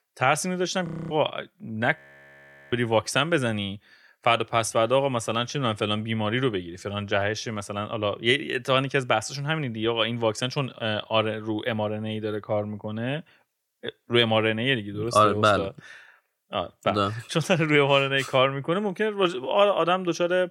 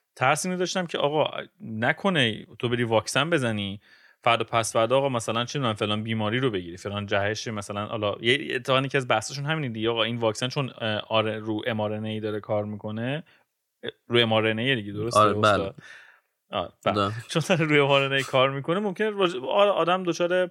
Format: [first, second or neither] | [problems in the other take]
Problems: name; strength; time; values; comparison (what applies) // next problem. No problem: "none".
second | audio freezing; at 1 s and at 2 s for 1 s